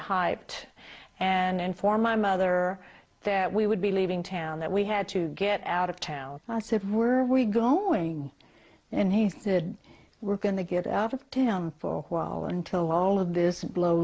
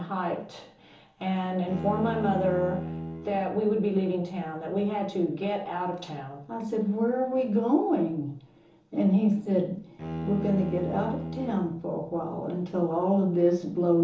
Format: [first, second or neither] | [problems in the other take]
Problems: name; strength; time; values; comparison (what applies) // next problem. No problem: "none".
first | background sound (Bowed string instrument); 9 dB below the speech // room echo; dies away in 1.2 s